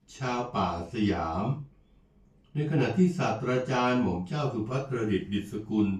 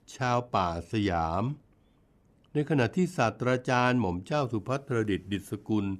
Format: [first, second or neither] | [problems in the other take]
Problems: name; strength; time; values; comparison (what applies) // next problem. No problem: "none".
second | room echo; noticeable; dies away in 0.3 s // off-mic speech; far